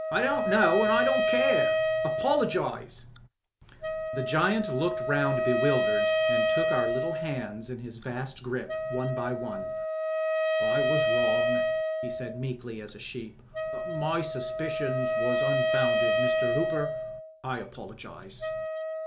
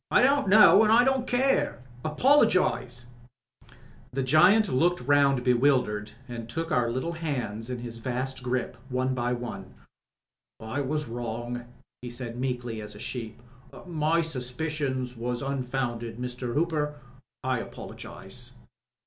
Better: second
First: background sound (Wind instrument, woodwind instrument); 3 dB above the speech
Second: none

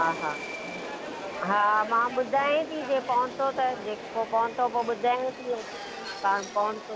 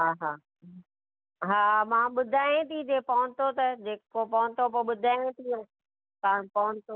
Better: second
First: background sound (Subway, metro, underground); 10 dB below the speech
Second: none

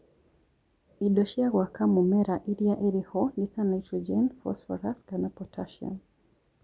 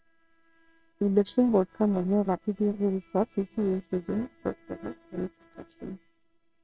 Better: first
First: none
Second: noise reduction (neural separator model SepFormer WHAMR!)

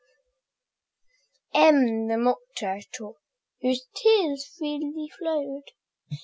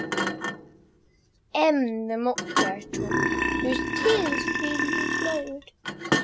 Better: first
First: none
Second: background sound (Burping, eructation + Thump, thud); 1 dB above the speech

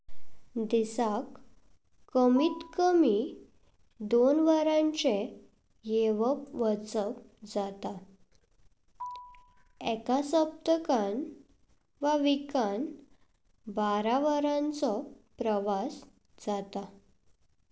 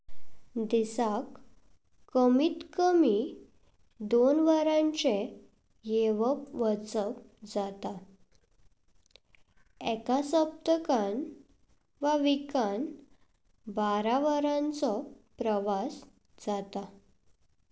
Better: second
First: background sound (Marimba, xylophone); 17 dB below the speech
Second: none

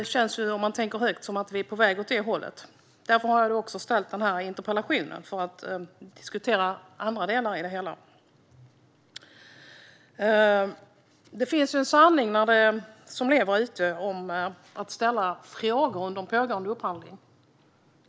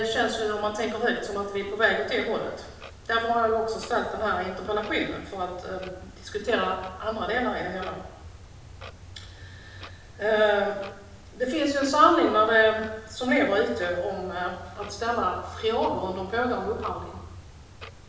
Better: first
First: none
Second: background sound (Clock); 18 dB below the speech // room echo; dies away in 0.9 s

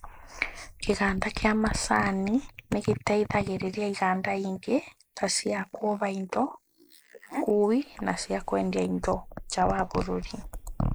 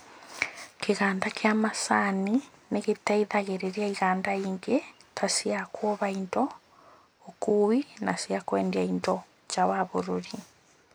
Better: second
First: noise reduction (neural mask model Resemble Enhance denoiser)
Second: none

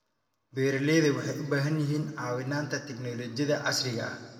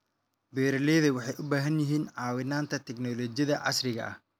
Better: second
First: room echo; dies away in 1.6 s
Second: none

